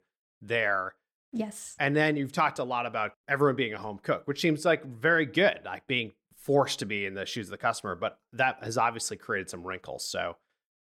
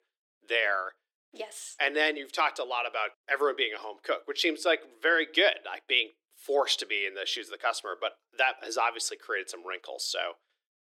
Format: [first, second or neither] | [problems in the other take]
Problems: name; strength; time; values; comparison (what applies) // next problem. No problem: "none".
first | thin; very; fading below 350 Hz